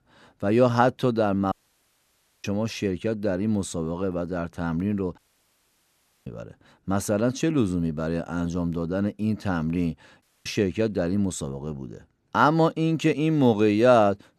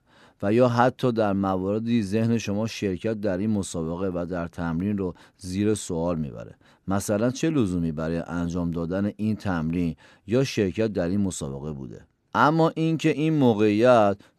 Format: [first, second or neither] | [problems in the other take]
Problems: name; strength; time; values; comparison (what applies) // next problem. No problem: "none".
second | audio cutting out; at 1.5 s for 1 s, at 5 s for 1 s and at 10 s